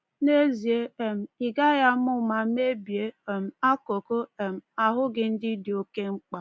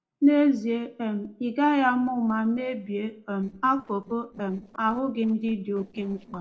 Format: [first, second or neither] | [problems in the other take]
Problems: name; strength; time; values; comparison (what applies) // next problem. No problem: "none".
first | noise reduction (neural separator model SepFormer DNS4)